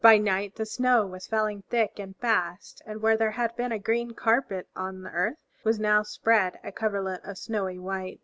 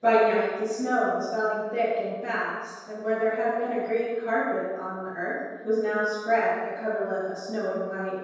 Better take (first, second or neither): first